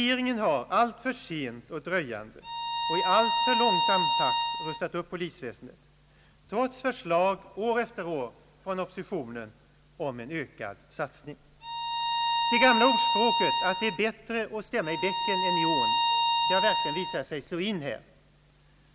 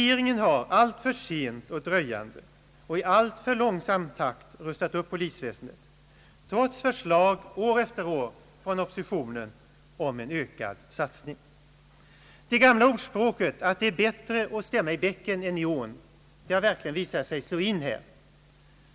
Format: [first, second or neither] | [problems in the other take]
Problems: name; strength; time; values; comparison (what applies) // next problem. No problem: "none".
second | background sound (Bowed string instrument); 3 dB above the speech